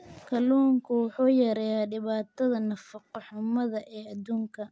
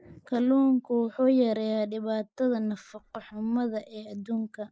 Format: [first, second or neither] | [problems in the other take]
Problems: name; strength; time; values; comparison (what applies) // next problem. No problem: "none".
first | noise reduction (neural mask model Resemble Enhance denoiser)